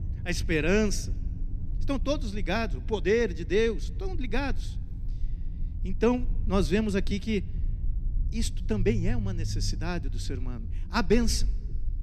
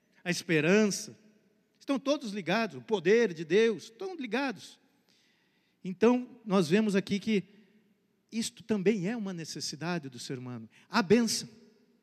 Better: second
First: low rumble; faint; throughout; 20 dB below the speech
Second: none

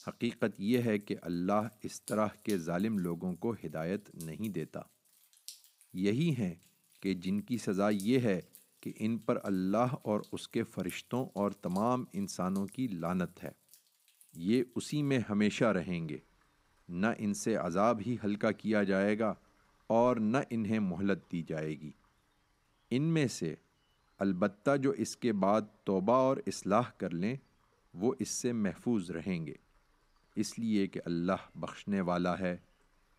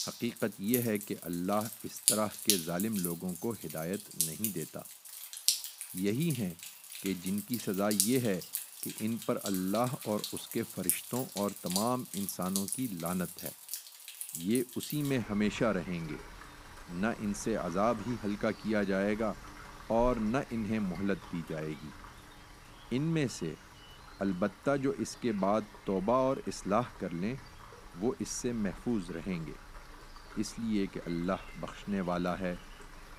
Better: first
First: rain or running water; faint; throughout; 25 dB below the speech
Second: rain or running water; loud; throughout; 3 dB below the speech

